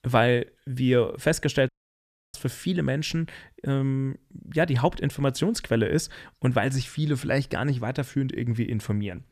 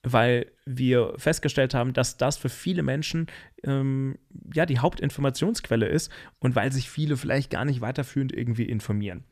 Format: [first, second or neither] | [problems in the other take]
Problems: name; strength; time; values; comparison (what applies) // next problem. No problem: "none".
second | audio cutting out; at 1.5 s for 0.5 s